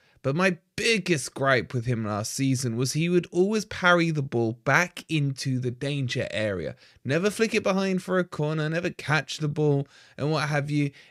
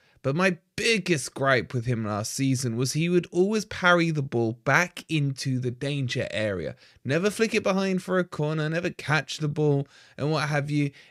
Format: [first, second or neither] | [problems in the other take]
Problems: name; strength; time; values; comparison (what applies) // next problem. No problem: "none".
neither | none